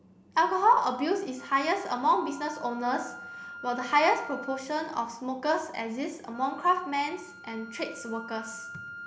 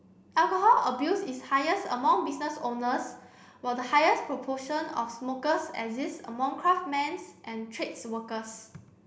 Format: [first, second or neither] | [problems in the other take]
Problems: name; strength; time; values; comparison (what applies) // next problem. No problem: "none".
second | background sound (Wind instrument, woodwind instrument); 17 dB below the speech